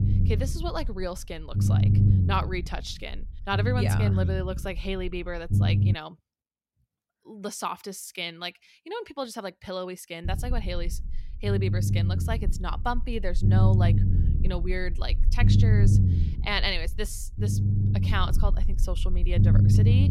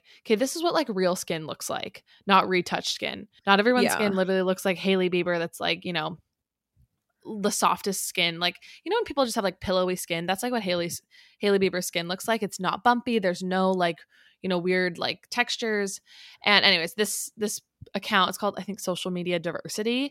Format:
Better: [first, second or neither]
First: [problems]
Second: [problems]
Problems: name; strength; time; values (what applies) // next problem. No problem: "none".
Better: second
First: low rumble; loud; until 6 s and from 10 s on; 4 dB below the speech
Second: none